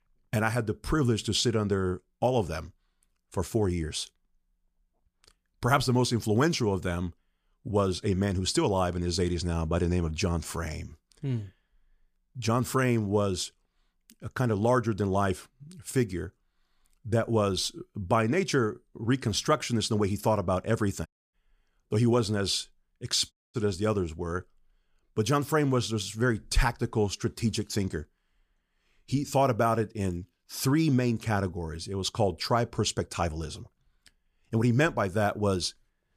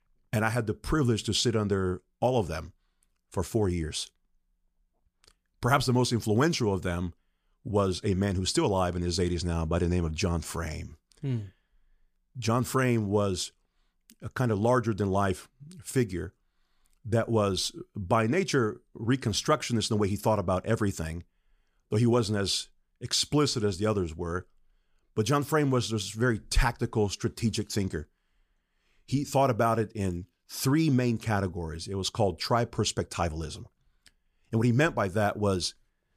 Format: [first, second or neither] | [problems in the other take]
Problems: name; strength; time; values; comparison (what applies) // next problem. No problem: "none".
second | audio cutting out; at 21 s and at 23 s